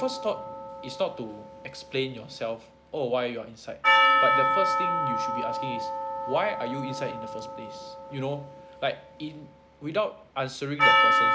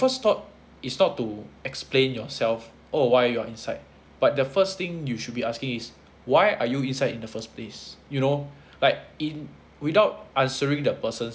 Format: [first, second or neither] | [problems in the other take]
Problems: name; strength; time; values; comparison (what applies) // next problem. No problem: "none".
second | background sound (Percussion); 5 dB above the speech